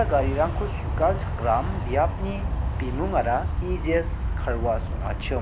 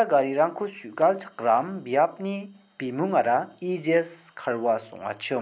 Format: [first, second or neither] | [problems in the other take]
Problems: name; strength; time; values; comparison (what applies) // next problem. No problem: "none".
second | background sound (Aircraft); as loud as the speech